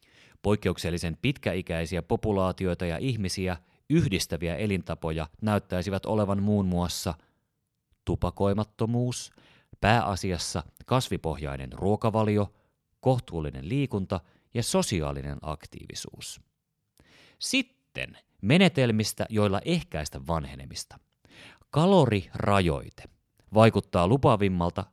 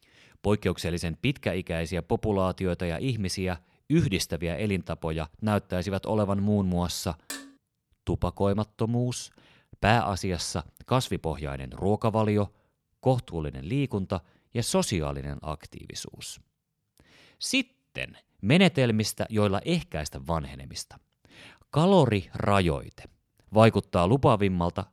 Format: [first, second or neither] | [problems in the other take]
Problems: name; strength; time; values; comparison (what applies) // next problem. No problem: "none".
first | clattering dishes; faint; at 7.5 s; peak 10 dB below the speech